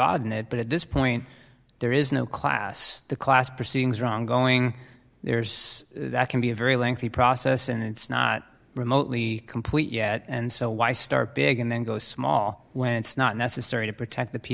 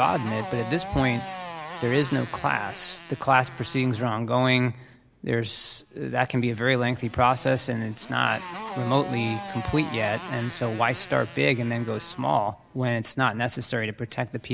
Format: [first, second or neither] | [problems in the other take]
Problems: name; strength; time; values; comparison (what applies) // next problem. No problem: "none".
first | background sound (Motorcycle); 14 dB below the speech